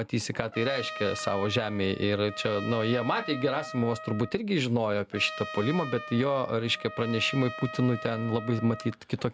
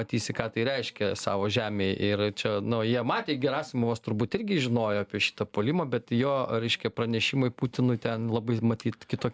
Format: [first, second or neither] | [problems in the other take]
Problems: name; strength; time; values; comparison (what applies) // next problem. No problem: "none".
second | background sound (Trumpet); 12 dB below the speech